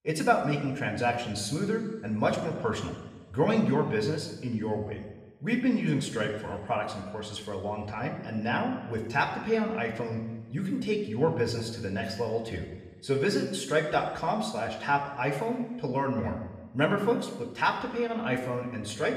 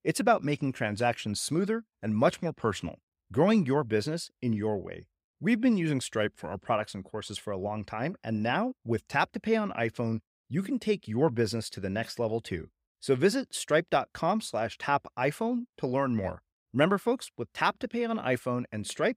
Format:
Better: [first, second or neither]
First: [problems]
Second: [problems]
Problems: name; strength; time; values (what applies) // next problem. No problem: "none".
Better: second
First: room echo; noticeable; dies away in 1.1 s // off-mic speech; somewhat distant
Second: none